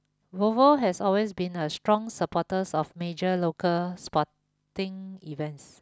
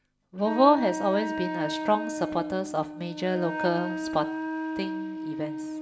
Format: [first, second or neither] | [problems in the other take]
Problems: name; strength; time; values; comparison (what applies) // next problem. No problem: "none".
first | background sound (Wind instrument, woodwind instrument); 5 dB below the speech // room echo; dies away in 0.5 s